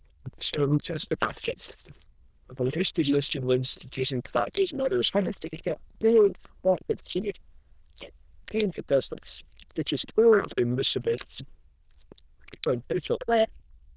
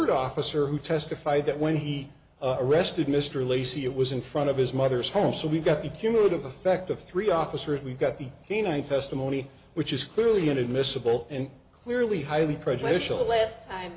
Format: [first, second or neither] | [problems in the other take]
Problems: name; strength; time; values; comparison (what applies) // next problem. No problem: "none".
second | noise reduction (neural diffusion model UNIVERSE++)